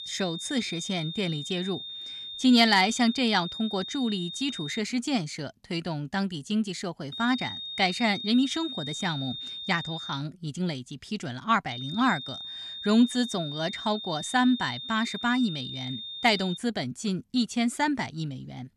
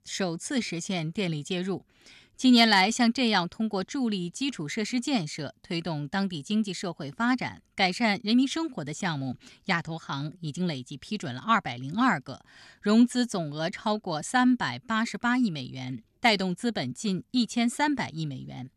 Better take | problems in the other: second | high-pitched whine; loud; until 5 s, from 7 to 10 s and from 12 to 17 s; 3.5 kHz, 8 dB below the speech

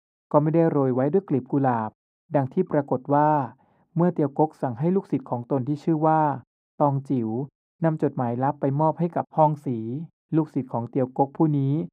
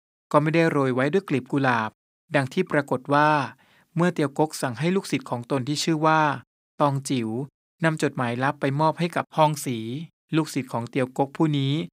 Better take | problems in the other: second | muffled; very; fading above 1.5 kHz

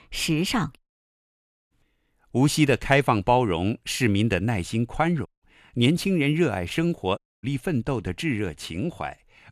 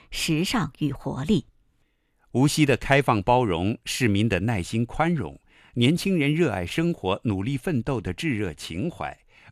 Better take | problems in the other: second | audio cutting out; at 1 s for 1 s, at 5.5 s and at 7 s

